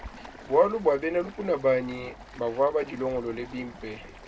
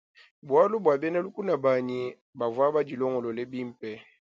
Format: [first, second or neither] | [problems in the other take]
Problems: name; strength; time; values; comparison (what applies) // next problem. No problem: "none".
second | background sound (Stream); 18 dB below the speech // room echo; dies away in 0.2 s